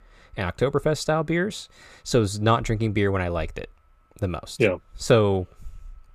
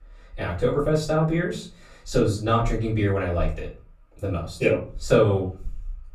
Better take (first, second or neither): first